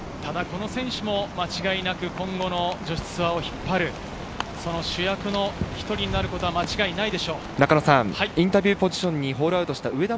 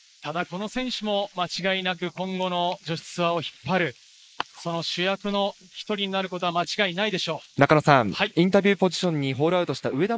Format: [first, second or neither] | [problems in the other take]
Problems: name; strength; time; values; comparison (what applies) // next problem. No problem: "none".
first | noise reduction (neural mask model Resemble Enhance denoiser)